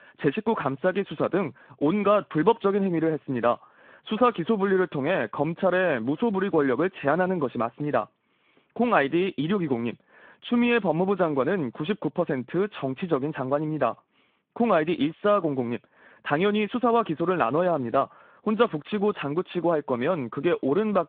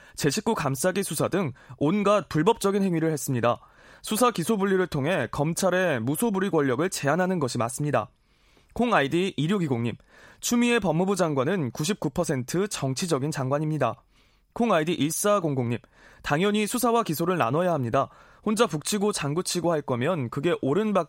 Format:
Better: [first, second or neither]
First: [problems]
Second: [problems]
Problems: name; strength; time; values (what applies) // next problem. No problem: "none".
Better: second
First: phone-call audio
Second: none